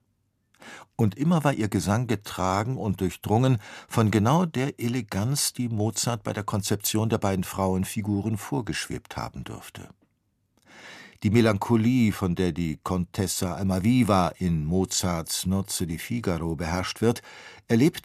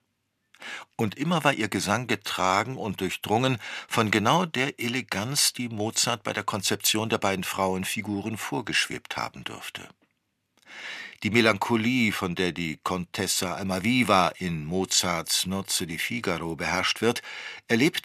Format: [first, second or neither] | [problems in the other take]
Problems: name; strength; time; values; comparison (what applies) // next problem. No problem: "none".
first | thin; very slightly; fading below 550 Hz